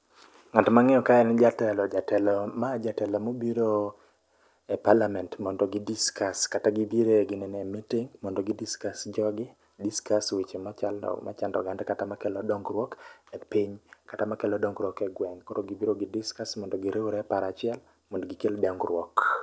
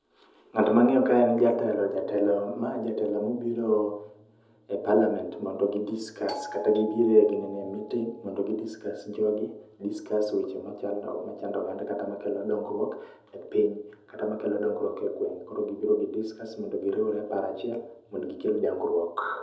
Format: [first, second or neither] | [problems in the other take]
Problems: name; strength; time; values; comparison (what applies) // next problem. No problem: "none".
first | background sound (Doorbell); 15 dB below the speech // room echo; dies away in 0.8 s